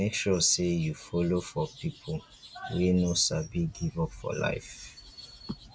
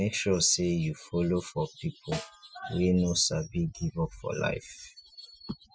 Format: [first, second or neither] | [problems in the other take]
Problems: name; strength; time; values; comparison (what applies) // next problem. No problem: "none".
first | noise reduction (classical method spectral subtraction)